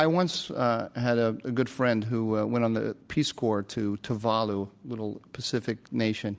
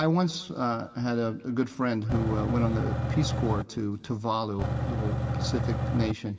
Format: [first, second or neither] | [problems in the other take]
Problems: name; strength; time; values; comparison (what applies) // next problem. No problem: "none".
first | background sound (Engine / Truck / Car); 1 dB above the speech // room echo; dies away in 2.7 s